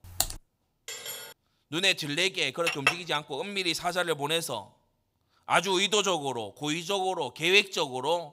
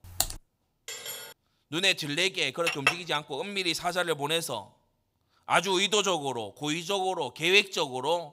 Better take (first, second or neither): neither